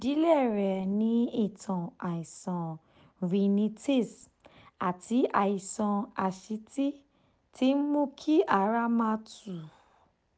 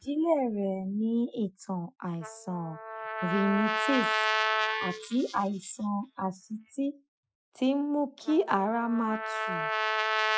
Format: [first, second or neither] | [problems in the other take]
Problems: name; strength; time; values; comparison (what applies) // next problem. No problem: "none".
first | noise reduction (classical method Wiener filter)